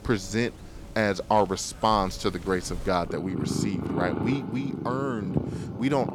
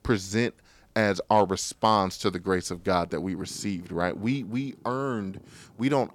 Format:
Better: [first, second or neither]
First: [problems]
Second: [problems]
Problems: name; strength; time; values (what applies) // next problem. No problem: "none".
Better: second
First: animal sounds; loud; throughout; 6 dB below the speech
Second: animal sounds; faint; throughout; 25 dB below the speech